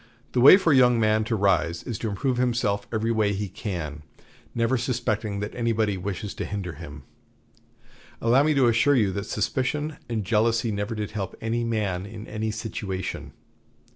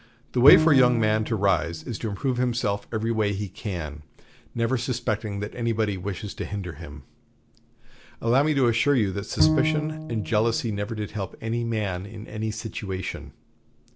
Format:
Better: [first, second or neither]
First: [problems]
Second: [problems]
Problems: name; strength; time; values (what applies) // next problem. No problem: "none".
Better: first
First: none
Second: background sound (Bowed string instrument); 3 dB below the speech